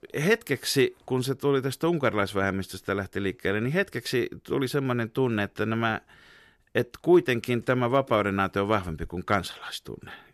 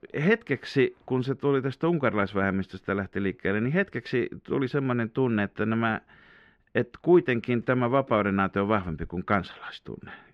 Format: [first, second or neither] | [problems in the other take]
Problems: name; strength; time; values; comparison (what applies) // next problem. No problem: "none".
first | muffled; slightly; fading above 2.5 kHz